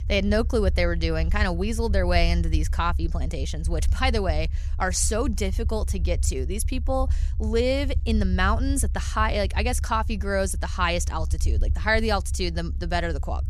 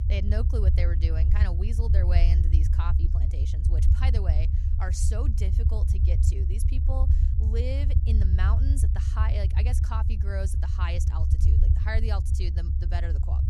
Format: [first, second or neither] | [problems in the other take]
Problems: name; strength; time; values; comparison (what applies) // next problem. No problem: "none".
first | low rumble; loud; throughout; 3 dB below the speech; faint in the first